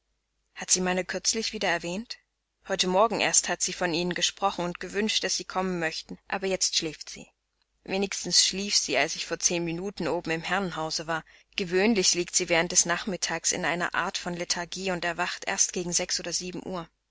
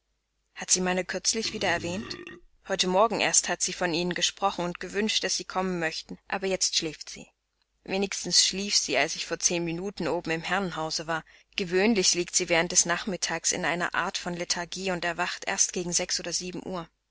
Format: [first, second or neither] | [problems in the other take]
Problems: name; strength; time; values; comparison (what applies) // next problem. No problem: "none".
first | background sound (Burping, eructation); 14 dB below the speech